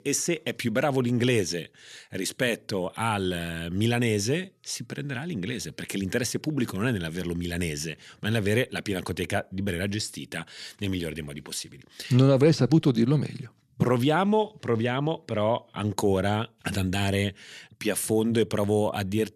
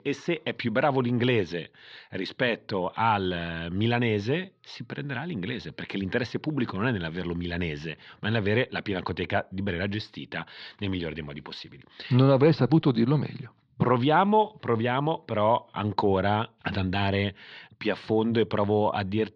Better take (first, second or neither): first